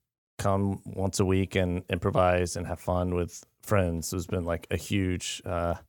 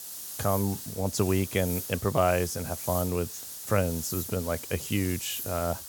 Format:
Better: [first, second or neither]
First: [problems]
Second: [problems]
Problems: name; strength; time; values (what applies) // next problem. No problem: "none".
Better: first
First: none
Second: hiss; loud; throughout; 7 dB below the speech